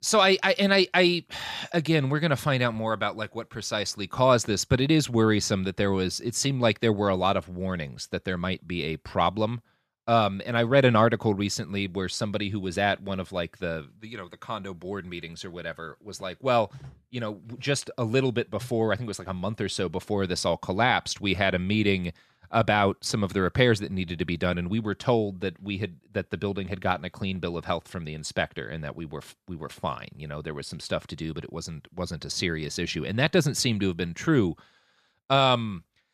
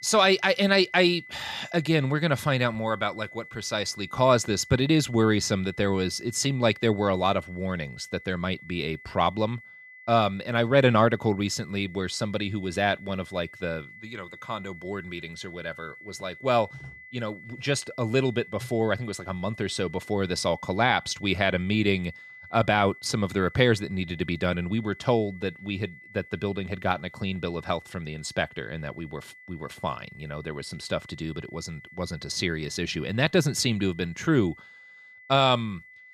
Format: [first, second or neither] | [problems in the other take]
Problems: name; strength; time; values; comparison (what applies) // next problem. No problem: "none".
first | high-pitched whine; noticeable; throughout; 2 kHz, 20 dB below the speech